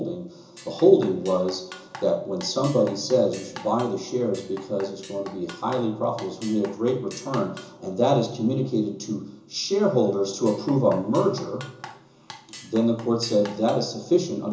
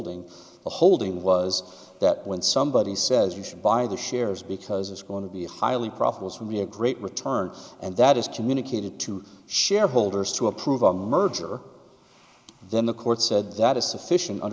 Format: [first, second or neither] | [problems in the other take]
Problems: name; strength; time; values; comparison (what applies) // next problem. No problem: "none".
second | background sound (Drum kit); 20 dB below the speech // room echo; dies away in 0.7 s